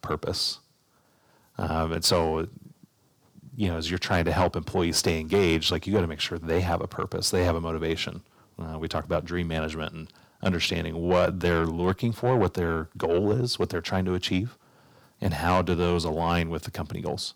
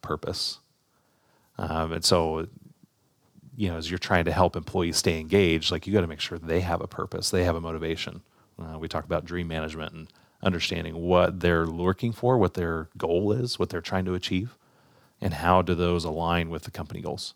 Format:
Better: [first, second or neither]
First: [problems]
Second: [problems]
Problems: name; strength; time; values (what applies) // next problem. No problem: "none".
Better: second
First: distortion; slight; 10 dB below the speech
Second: none